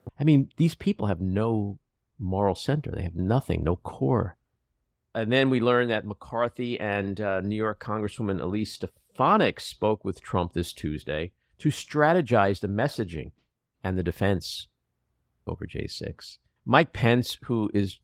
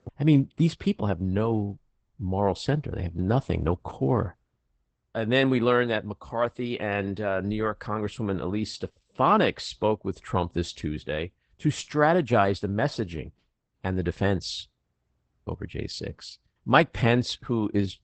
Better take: first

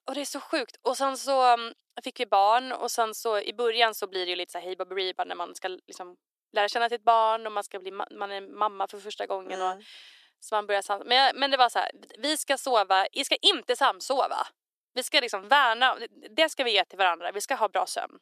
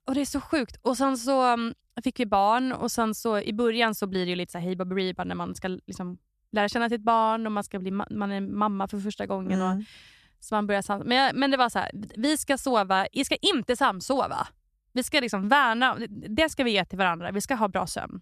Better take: second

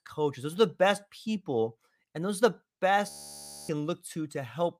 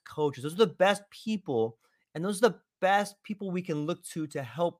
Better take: second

